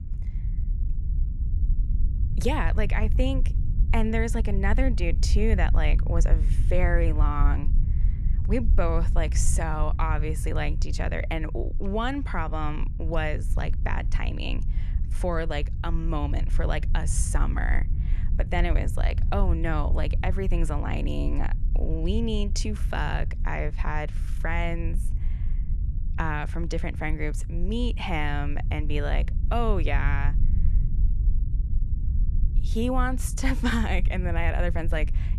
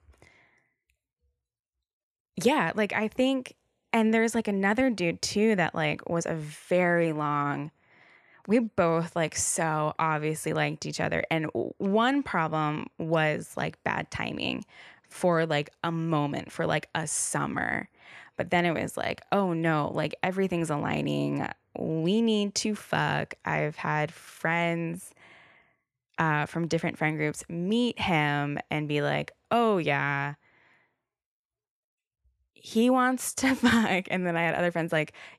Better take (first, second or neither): second